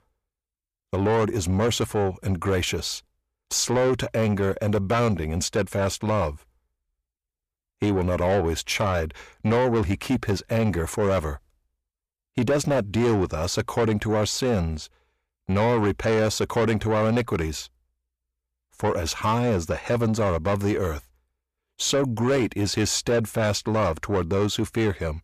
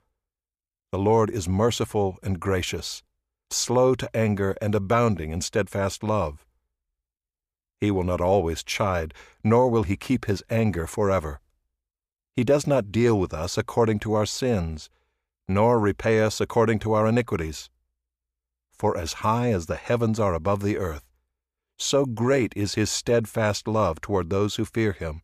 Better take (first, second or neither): second